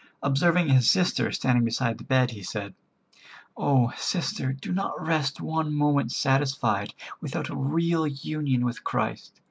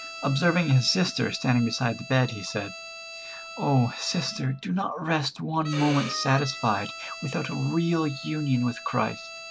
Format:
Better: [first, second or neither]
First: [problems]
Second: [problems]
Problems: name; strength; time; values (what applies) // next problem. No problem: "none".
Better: first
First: none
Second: background sound (Bowed string instrument); 13 dB below the speech